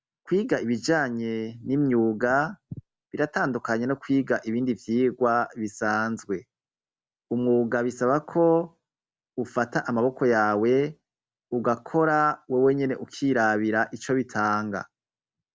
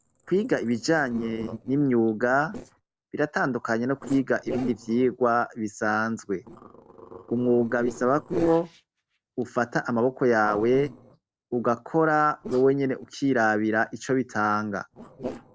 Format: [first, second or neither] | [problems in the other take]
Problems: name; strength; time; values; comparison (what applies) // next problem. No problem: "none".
first | noise reduction (neural separator model SepFormer DNS4)